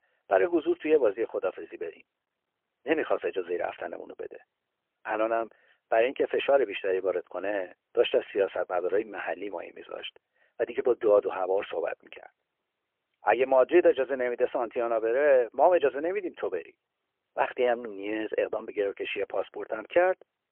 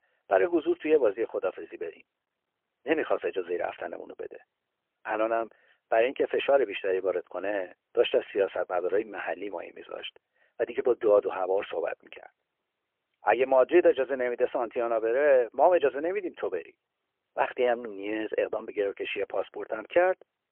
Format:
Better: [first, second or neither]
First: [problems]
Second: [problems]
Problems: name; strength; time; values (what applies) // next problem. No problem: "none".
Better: neither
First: phone-call audio; poor line; nothing above 3 kHz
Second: phone-call audio; poor line; nothing above 3 kHz